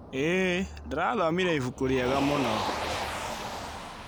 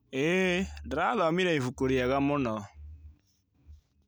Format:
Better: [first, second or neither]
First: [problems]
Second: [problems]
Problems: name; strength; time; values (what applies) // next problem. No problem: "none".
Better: second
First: background sound (Motor vehicle (road)); 6 dB below the speech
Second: none